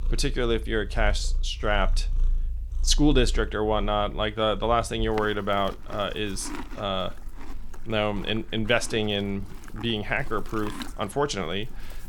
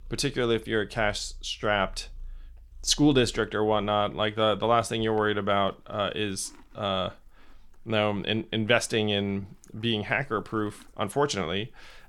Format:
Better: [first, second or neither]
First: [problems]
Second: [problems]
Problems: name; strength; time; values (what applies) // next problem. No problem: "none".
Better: second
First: animal sounds; loud; throughout; 9 dB below the speech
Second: animal sounds; faint; throughout; 25 dB below the speech